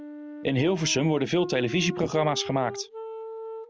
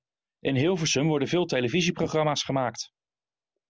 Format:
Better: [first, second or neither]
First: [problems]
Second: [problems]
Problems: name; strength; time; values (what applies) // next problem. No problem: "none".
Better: second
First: background sound (Wind instrument, woodwind instrument); 11 dB below the speech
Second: none